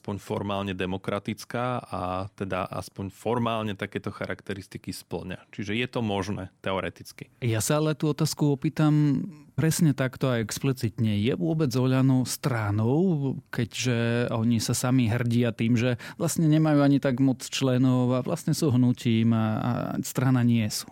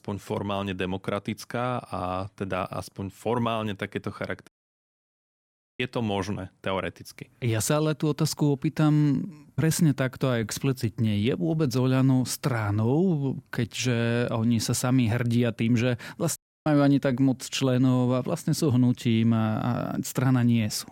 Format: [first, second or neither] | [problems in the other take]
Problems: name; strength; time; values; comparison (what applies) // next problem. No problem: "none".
first | audio cutting out; at 4.5 s for 1.5 s and at 16 s